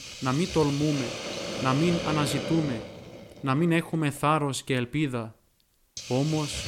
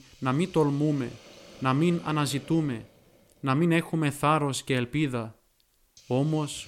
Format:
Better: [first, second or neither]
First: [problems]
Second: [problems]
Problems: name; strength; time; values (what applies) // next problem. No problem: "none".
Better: second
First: hiss; loud; throughout; 7 dB below the speech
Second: hiss; faint; throughout; 25 dB below the speech